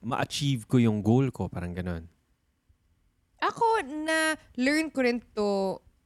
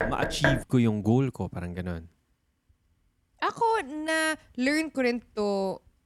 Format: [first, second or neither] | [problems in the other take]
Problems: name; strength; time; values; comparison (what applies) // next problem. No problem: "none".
first | door banging; loud; at the start; peak 1 dB above the speech